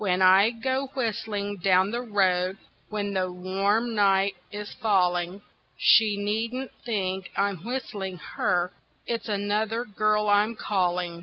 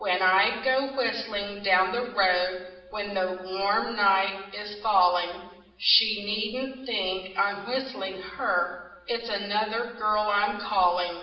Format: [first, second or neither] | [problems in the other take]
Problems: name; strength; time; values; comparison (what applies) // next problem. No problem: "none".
first | room echo; dies away in 0.8 s